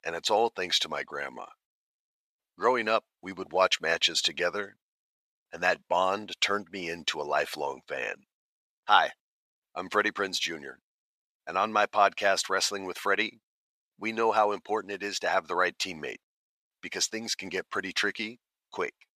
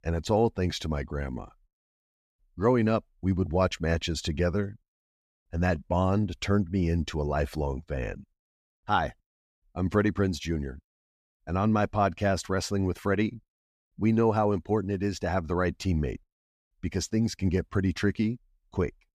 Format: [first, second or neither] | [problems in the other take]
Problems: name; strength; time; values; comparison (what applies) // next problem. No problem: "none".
second | thin; very; fading below 700 Hz